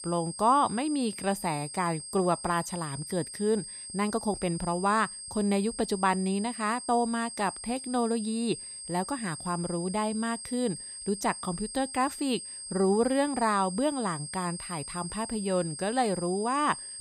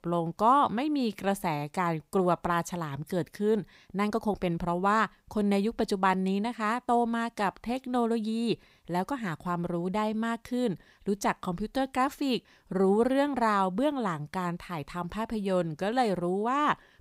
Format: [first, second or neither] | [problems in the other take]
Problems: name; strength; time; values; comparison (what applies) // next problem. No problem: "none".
second | high-pitched whine; loud; throughout; 8.5 kHz, 9 dB below the speech